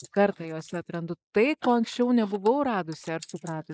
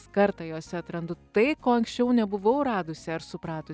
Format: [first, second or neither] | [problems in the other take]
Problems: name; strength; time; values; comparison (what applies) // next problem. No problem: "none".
second | noise reduction (neural mask model Resemble Enhance denoiser)